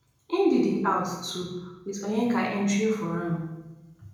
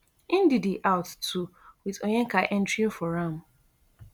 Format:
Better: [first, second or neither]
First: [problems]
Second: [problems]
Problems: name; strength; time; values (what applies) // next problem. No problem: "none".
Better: second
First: room echo; dies away in 0.9 s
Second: none